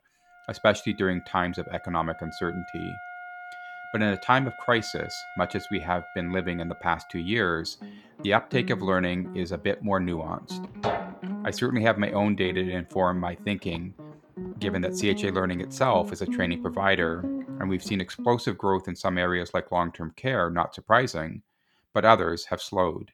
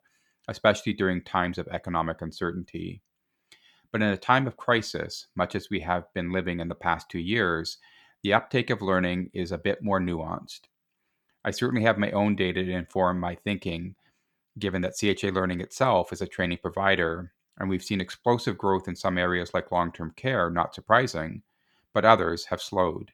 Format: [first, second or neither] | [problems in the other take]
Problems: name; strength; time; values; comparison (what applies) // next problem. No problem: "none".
second | background music; noticeable; until 18 s; 10 dB below the speech